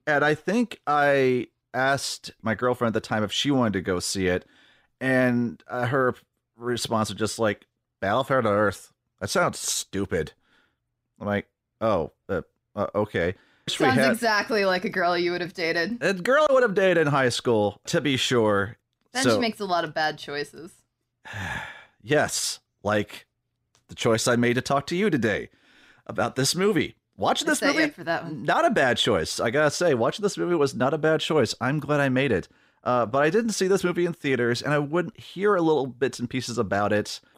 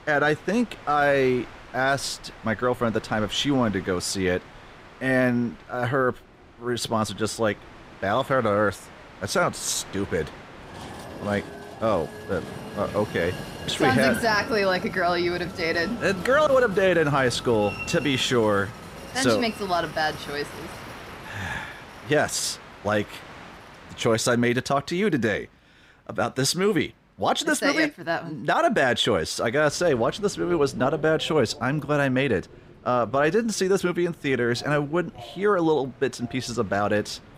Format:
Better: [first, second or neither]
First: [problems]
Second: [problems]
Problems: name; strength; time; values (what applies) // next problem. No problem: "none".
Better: first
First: none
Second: train or aircraft noise; noticeable; throughout; 15 dB below the speech